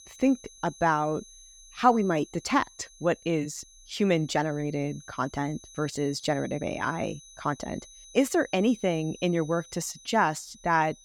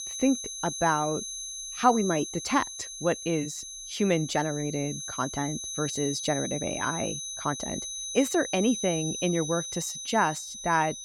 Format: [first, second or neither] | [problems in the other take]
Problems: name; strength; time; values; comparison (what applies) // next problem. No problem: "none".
first | high-pitched whine; loud; throughout; 6.5 kHz, 6 dB below the speech; faint in the first